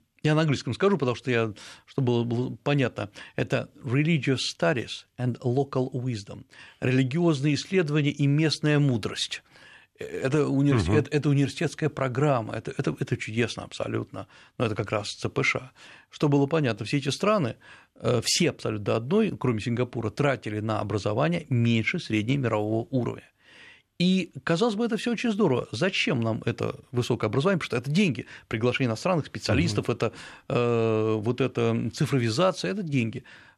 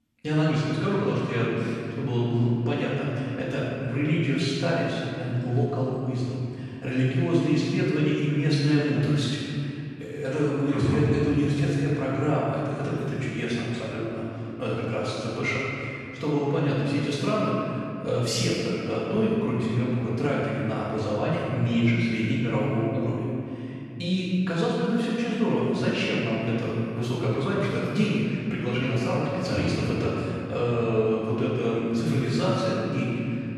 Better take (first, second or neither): first